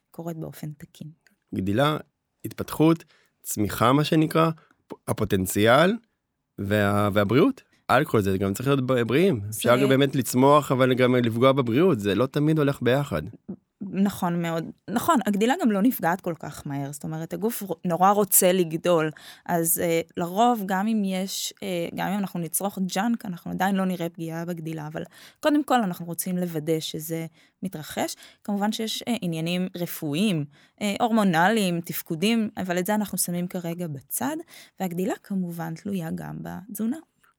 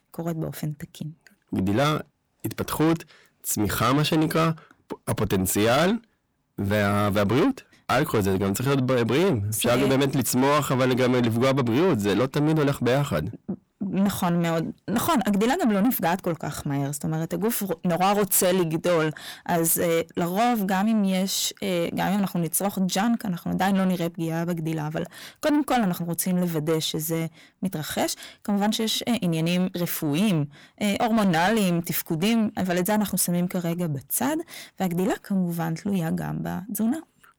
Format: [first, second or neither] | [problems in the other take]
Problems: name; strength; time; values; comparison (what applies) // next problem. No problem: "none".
first | distortion; heavy; 7 dB below the speech